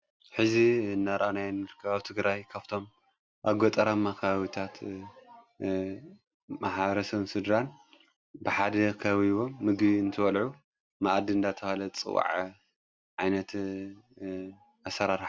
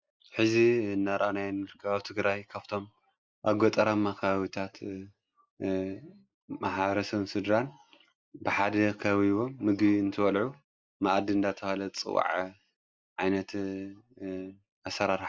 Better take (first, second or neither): first